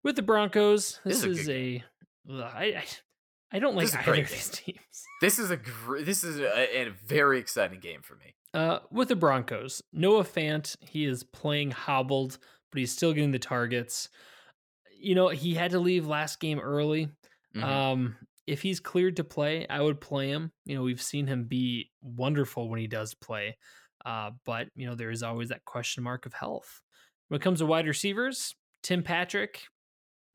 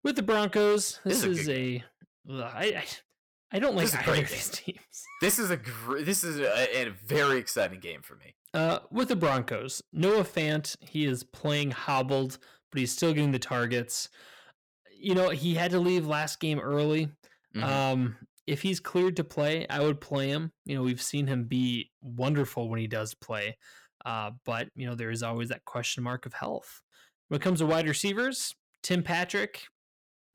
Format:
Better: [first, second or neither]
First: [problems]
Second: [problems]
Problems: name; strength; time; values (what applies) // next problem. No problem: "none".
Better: first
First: none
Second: distortion; slight; 4% of the sound clipped